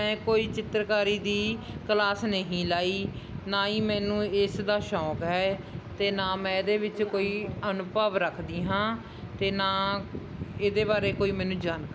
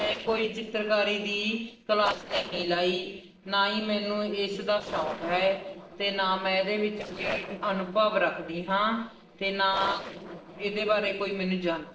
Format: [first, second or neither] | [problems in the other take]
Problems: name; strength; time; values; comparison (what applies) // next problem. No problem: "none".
first | noise reduction (neural separator model SepFormer DNS4)